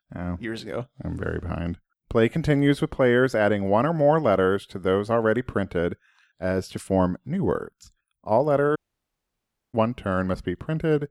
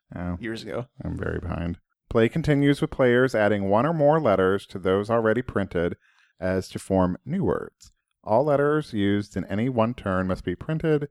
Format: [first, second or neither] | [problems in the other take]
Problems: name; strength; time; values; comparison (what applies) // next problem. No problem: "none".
second | audio cutting out; at 9 s for 1 s